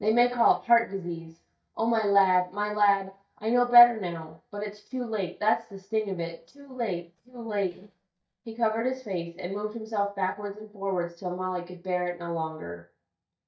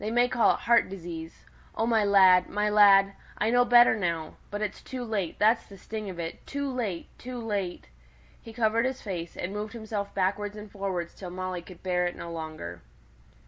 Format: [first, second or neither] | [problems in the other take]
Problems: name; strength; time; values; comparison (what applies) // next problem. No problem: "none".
second | noise reduction (neural mask model DeepFilterNet 3)